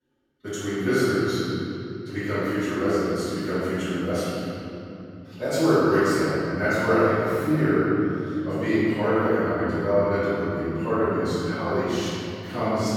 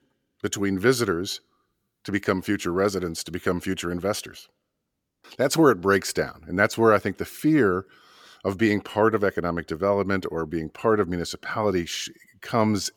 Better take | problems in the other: second | off-mic speech; far // room echo; strong; dies away in 3 s

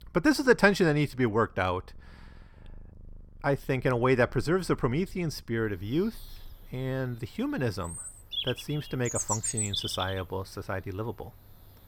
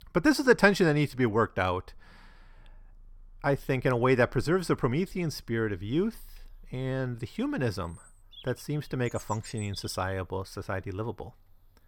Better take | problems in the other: second | animal sounds; loud; throughout; 5 dB below the speech; faint in the second

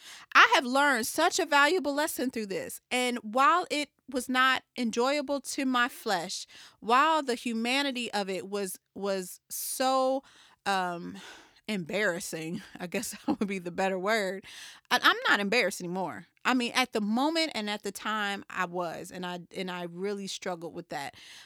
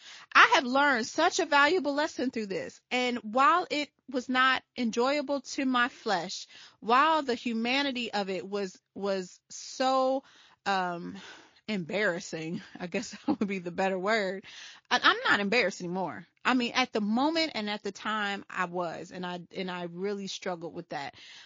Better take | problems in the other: first | garbled, watery; slightly

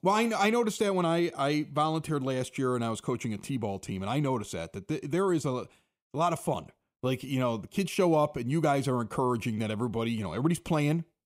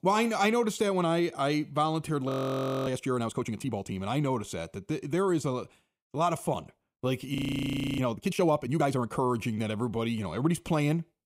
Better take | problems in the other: first | audio freezing; at 2.5 s for 0.5 s and at 7.5 s for 0.5 s

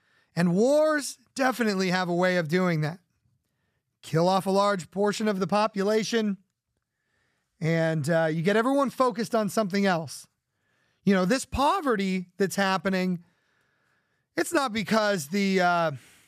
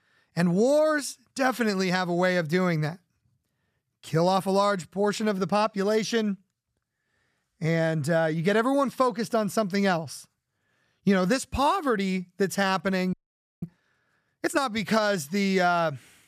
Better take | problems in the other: first | audio freezing; at 13 s

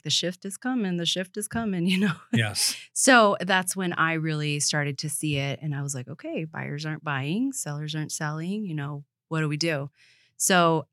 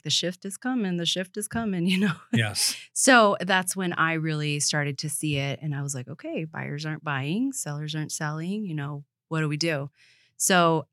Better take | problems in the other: neither | none

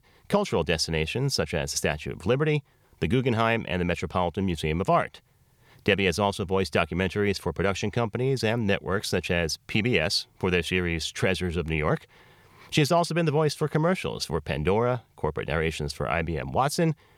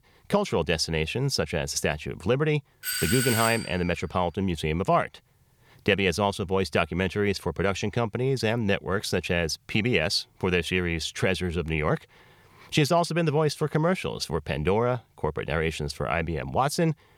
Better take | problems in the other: first | doorbell; loud; at 3 s; peak level with the speech

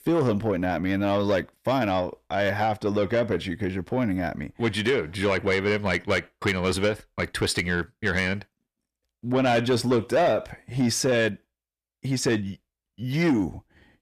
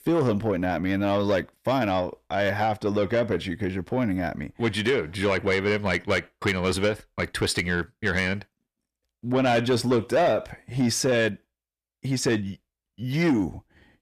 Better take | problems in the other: neither | distortion; slight; 10 dB below the speech; the same in both

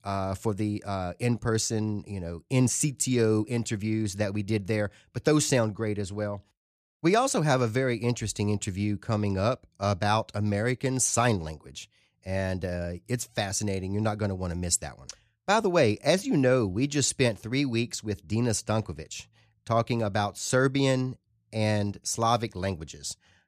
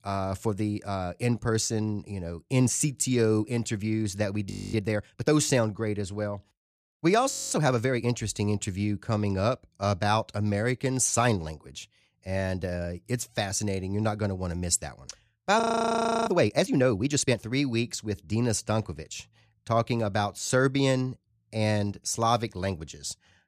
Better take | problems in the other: first | audio freezing; at 4.5 s, at 7.5 s and at 16 s for 0.5 s

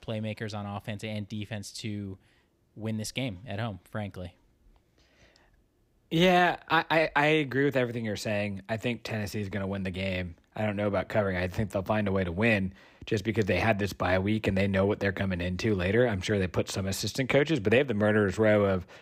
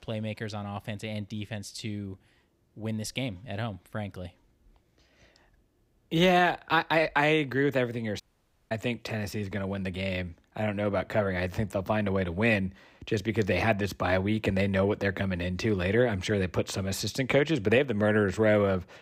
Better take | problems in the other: first | audio cutting out; at 8 s for 0.5 s

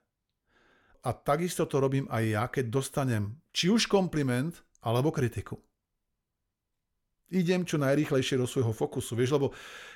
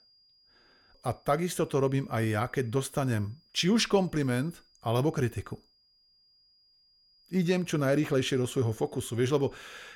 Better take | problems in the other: first | high-pitched whine; faint; throughout; 5 kHz, 35 dB below the speech

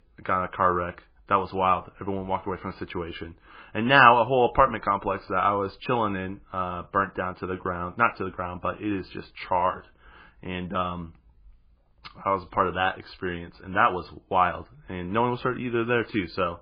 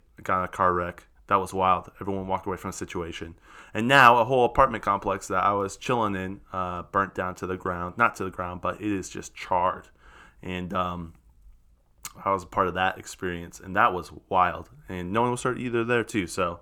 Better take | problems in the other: second | garbled, watery; badly; nothing above 5 kHz

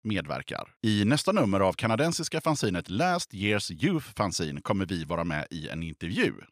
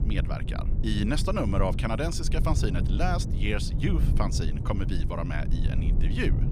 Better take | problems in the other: first | low rumble; loud; throughout; 9 dB below the speech

